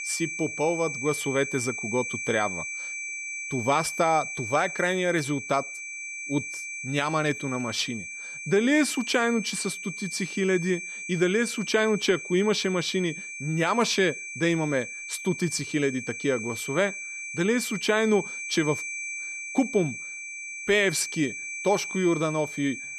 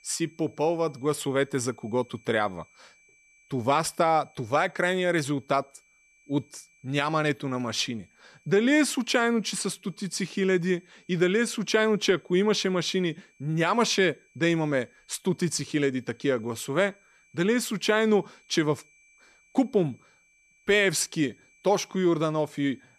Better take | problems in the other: second | high-pitched whine; loud; throughout; 2.5 kHz, 7 dB below the speech; faint in the second

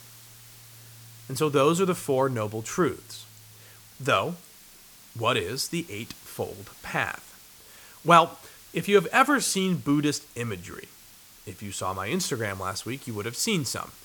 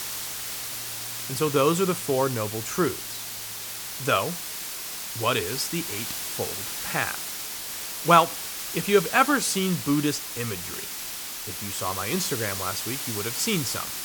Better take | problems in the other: first | hiss; loud; throughout; 5 dB below the speech; faint in the first

